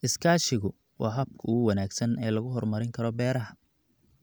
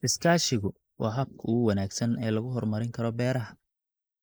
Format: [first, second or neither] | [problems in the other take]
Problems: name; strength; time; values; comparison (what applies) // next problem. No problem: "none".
first | noise reduction (neural mask model Resemble Enhance denoiser)